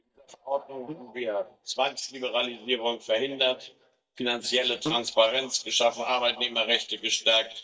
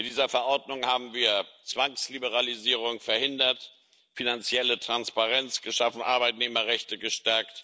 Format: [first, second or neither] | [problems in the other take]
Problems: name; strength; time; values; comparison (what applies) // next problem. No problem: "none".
second | noise reduction (neural mask model DeepFilterNet 3)